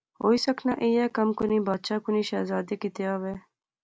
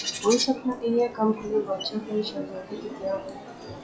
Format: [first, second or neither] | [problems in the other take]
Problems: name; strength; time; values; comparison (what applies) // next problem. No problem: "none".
first | noise reduction (classical method WPE with log-MMSE)